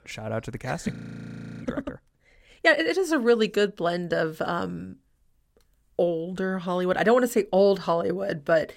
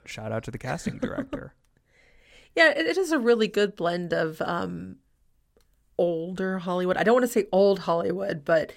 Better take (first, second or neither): second